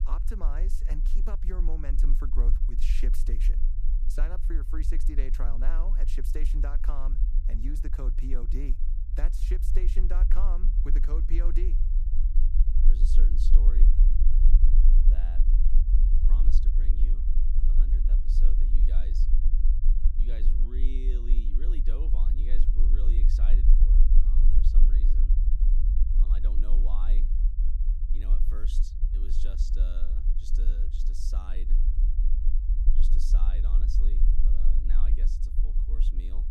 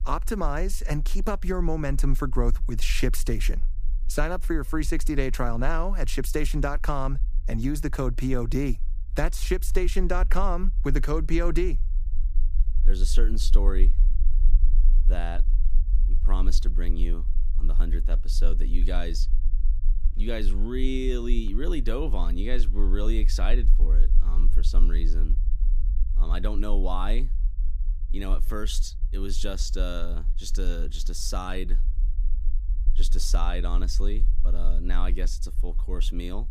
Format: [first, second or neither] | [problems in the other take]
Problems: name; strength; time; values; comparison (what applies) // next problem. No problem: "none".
second | low rumble; loud; throughout; 4 dB below the speech; faint in the second